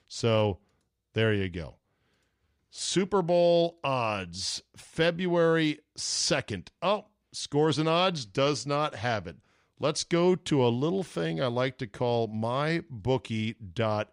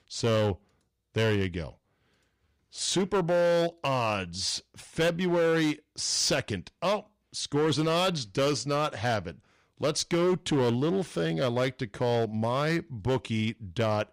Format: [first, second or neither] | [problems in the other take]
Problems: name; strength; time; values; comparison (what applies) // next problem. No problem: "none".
first | distortion; slight; 9% of the sound clipped